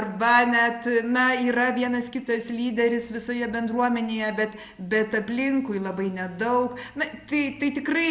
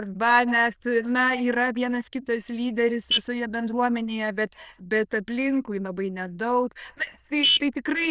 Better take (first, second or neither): first